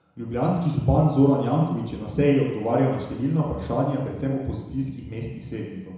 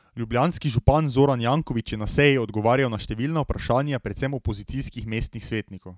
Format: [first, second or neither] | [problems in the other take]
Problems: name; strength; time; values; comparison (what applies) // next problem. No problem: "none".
second | room echo; dies away in 1 s